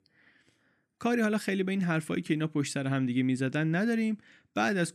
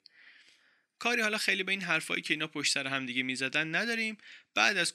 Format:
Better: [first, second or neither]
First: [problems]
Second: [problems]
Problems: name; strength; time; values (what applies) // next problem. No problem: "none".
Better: first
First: none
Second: thin; somewhat; fading below 1 kHz